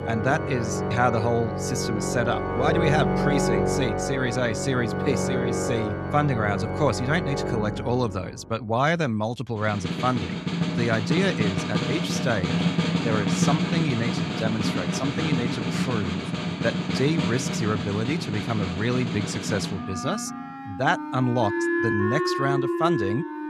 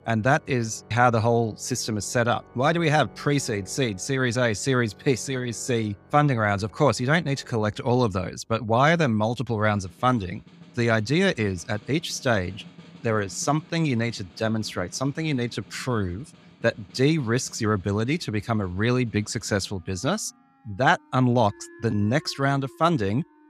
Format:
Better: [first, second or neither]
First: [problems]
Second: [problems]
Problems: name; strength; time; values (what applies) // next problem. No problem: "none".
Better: second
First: background music; loud; throughout; as loud as the speech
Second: background music; faint; throughout; 25 dB below the speech